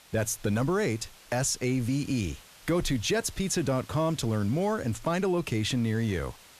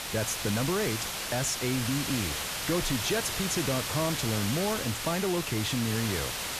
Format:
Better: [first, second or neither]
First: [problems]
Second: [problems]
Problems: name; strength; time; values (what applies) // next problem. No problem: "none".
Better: first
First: hiss; faint; throughout; 20 dB below the speech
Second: hiss; loud; throughout; 1 dB below the speech